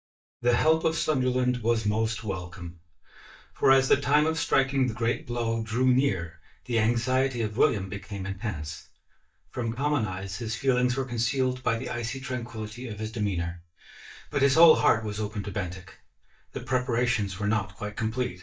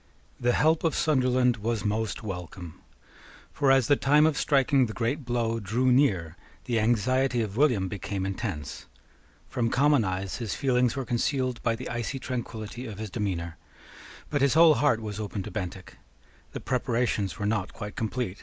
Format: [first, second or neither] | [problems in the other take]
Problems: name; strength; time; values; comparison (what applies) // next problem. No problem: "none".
second | noise reduction (neural mask model DeepFilterNet 3)